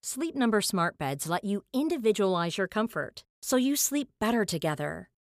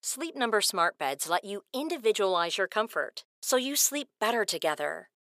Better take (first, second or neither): first